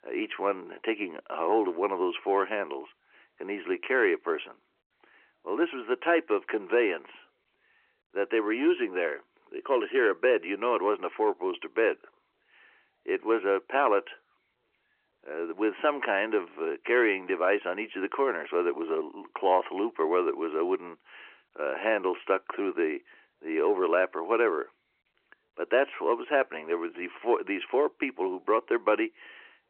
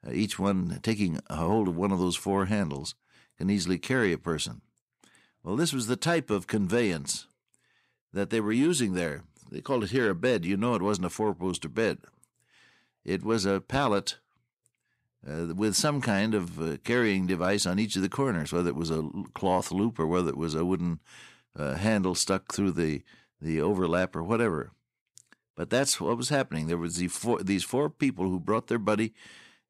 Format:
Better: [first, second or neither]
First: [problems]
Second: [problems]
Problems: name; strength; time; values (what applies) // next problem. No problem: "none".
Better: second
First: phone-call audio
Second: none